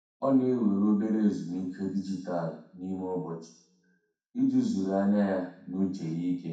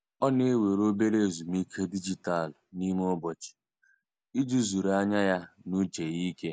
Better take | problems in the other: second | room echo; dies away in 0.6 s

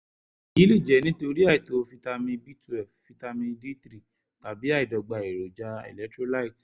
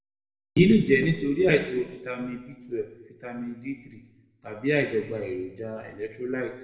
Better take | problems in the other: first | room echo; dies away in 0.9 s

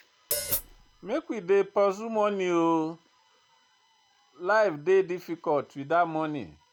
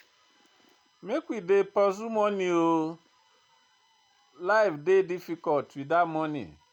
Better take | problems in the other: second | background sound (Hi-hat); 5 dB below the speech

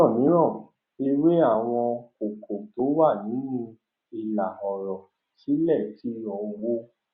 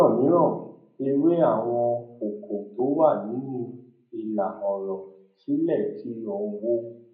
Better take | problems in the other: first | room echo; dies away in 0.4 s

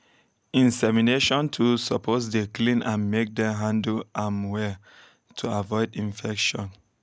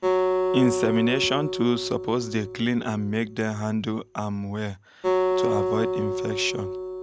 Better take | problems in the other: first | background sound (Acoustic guitar); 1 dB below the speech

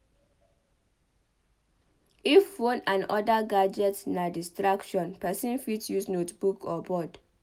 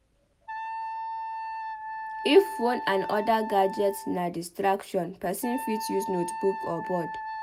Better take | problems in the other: first | background sound (Wind instrument, woodwind instrument); 8 dB below the speech

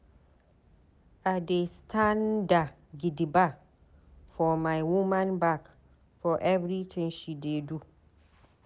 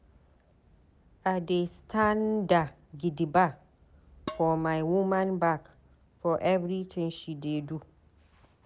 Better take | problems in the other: first | background sound (Dishes, pots, and pans); 15 dB below the speech

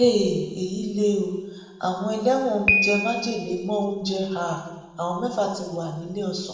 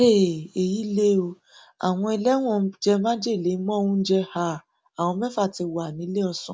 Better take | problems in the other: second | background sound (Piano); 7 dB below the speech // room echo; dies away in 1.1 s

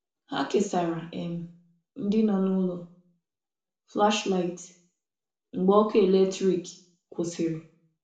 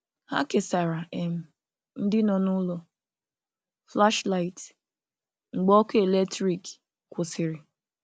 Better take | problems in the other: second | room echo; dies away in 0.4 s

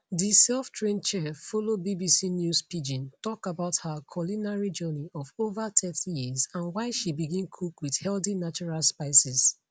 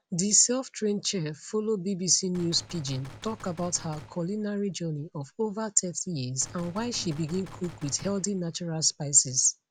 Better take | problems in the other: first | background sound (Gunshot, gunfire); 18 dB below the speech

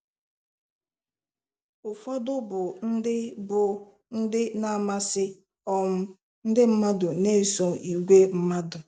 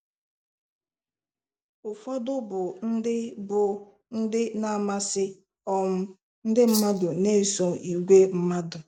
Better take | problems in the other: first | noise reduction (neural mask model Resemble Enhance denoiser)

